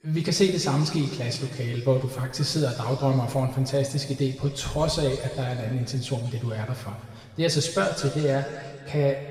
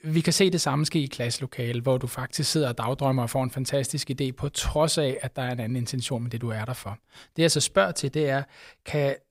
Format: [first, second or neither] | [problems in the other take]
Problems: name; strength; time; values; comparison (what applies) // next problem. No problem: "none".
second | room echo; noticeable; dies away in 2.1 s // off-mic speech; far